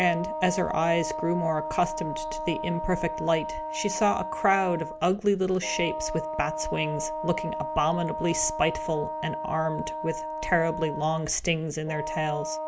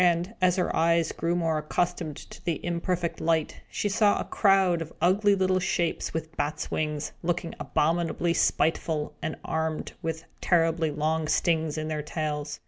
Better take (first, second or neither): second